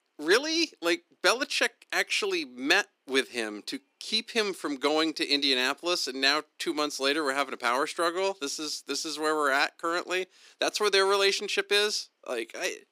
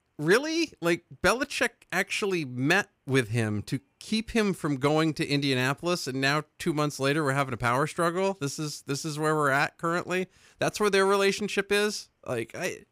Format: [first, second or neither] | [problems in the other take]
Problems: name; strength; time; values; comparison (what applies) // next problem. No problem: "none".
second | thin; somewhat; fading below 250 Hz